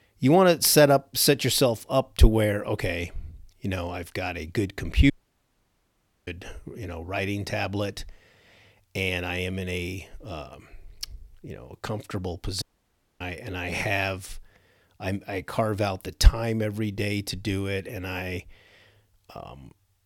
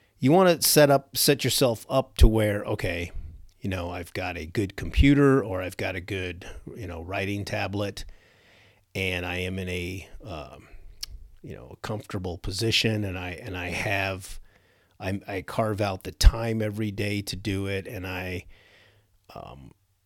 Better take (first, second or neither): second